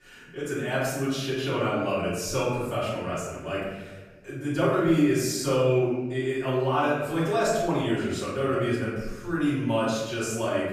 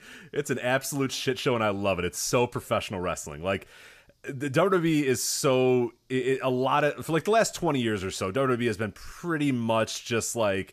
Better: second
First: off-mic speech; far // room echo; noticeable; dies away in 1.1 s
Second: none

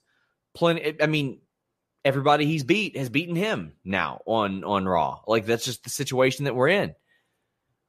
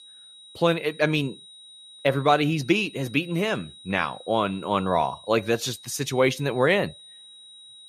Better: first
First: none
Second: high-pitched whine; noticeable; throughout; 4 kHz, 20 dB below the speech

